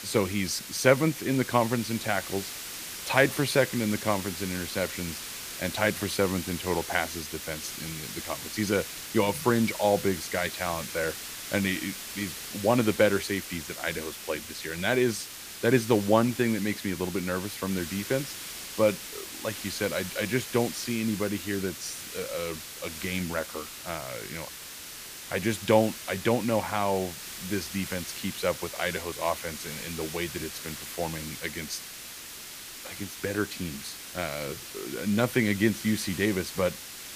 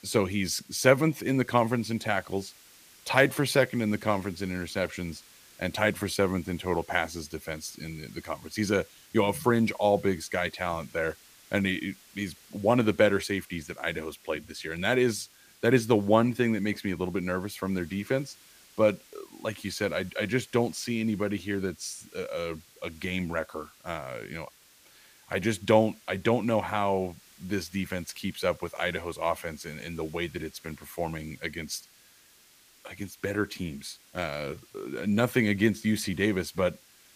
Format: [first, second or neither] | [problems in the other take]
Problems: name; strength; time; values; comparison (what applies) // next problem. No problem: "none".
second | hiss; loud; throughout; 8 dB below the speech; faint in the second